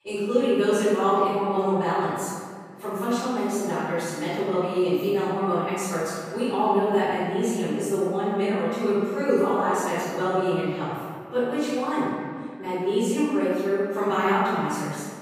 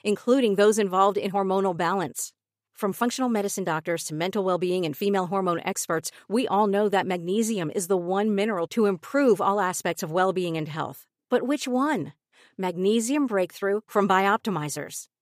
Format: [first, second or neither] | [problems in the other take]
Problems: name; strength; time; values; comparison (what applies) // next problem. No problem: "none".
second | off-mic speech; far // room echo; strong; dies away in 1.8 s